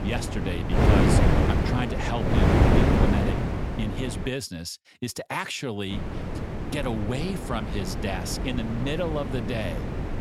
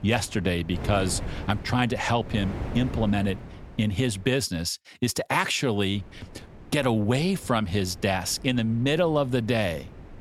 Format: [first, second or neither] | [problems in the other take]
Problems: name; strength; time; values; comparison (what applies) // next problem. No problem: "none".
second | wind noise on the microphone; heavy; until 4.5 s and from 6 s on; 2 dB above the speech; occasional gusts in the second